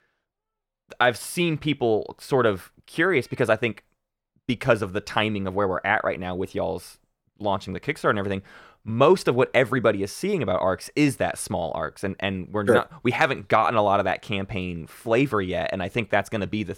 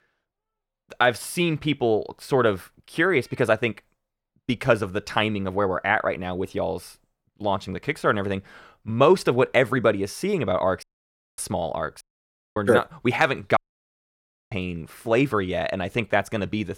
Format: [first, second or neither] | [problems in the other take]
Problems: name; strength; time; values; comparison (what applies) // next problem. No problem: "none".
first | audio cutting out; at 11 s for 0.5 s, at 12 s for 0.5 s and at 14 s for 1 s